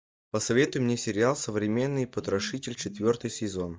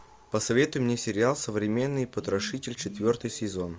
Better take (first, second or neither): second